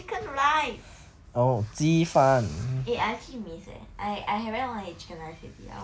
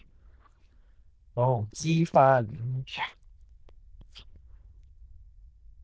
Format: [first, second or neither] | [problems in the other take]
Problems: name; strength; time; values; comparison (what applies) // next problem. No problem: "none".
first | noise reduction (neural diffusion model UNIVERSE++)